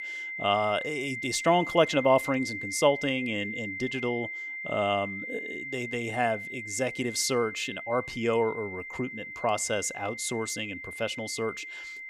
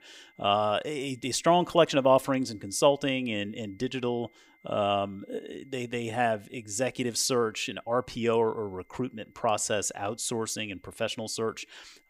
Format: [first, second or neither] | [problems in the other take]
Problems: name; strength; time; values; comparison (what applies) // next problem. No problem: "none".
second | high-pitched whine; loud; throughout; 2 kHz, 7 dB below the speech; faint in the second